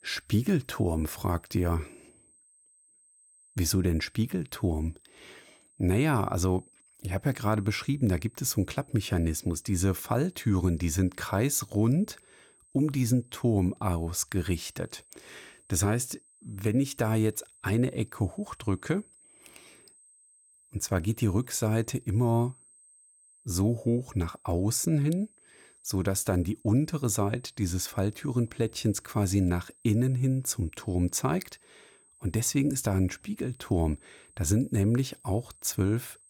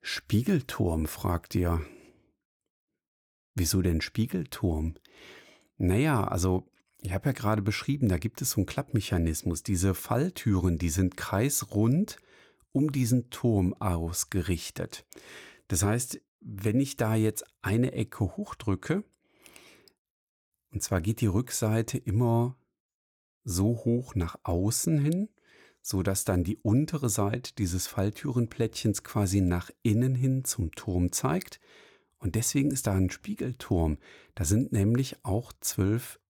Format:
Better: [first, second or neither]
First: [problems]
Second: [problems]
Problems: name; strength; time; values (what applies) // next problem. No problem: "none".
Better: second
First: high-pitched whine; faint; throughout; 8.5 kHz, 30 dB below the speech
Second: none